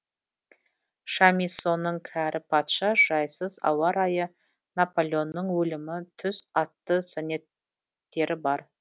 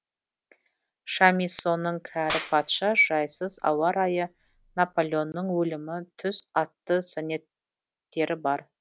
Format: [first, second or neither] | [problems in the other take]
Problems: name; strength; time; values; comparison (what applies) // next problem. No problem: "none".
first | background sound (Clapping); 14 dB below the speech